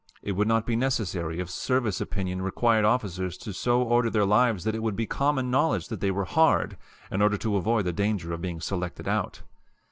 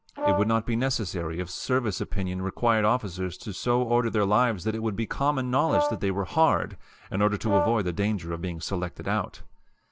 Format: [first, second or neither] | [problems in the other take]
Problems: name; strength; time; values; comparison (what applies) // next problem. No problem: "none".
first | background sound (Brass instrument); 4 dB below the speech